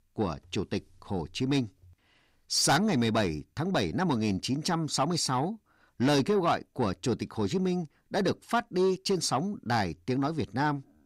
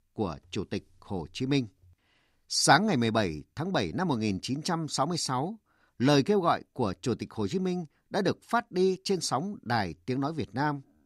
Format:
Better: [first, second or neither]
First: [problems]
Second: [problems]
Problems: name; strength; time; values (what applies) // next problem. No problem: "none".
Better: second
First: distortion; slight; 10 dB below the speech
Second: none